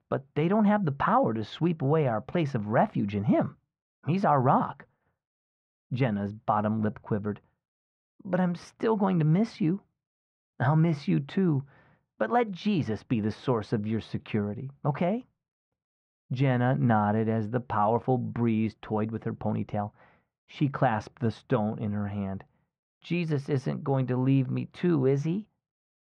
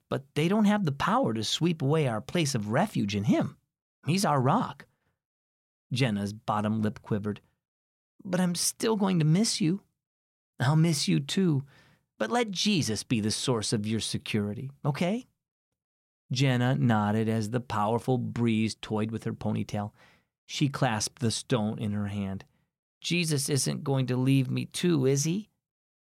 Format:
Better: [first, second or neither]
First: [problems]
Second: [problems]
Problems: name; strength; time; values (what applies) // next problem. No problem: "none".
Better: second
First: muffled; very; fading above 1.5 kHz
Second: none